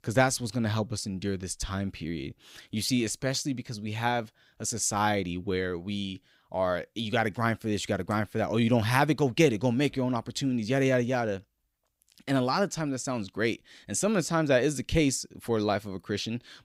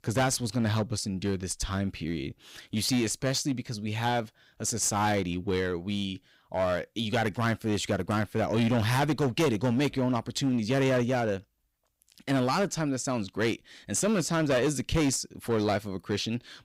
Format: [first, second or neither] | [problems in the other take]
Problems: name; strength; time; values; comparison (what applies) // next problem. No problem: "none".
first | distortion; slight; 8% of the sound clipped